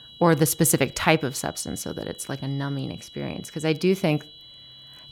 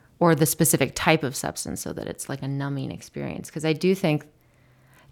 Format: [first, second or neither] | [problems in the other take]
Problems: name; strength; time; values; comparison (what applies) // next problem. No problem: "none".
second | high-pitched whine; noticeable; throughout; 4 kHz, 20 dB below the speech